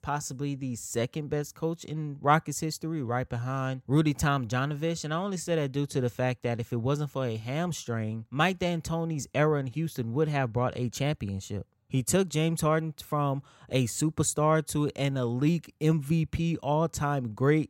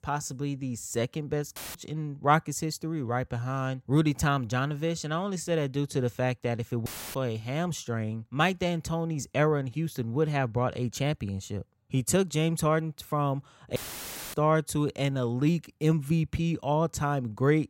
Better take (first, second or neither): first